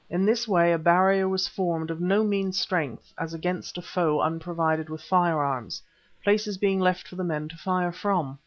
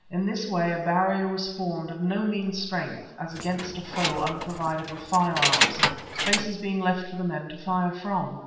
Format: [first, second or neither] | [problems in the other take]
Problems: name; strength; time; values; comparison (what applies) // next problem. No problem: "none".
first | background sound (Keys jangling); 1 dB below the speech // room echo; dies away in 1.1 s